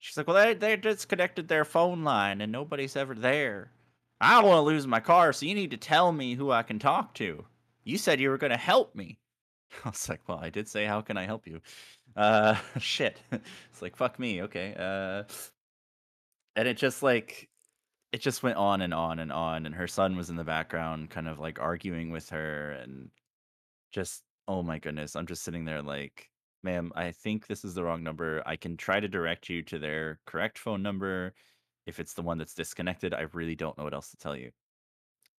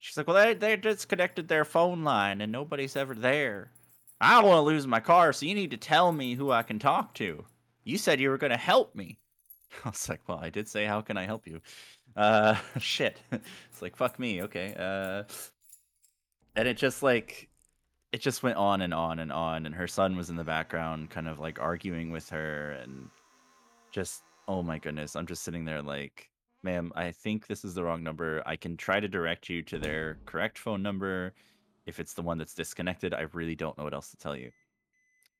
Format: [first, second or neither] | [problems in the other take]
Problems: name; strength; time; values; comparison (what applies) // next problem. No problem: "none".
first | household noises; faint; throughout; 25 dB below the speech